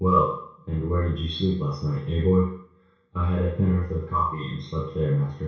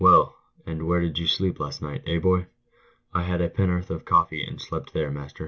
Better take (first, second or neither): second